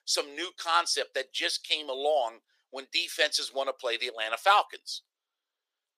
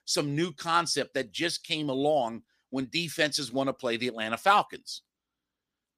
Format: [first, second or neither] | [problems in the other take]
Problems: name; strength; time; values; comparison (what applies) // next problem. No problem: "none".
second | thin; very; fading below 450 Hz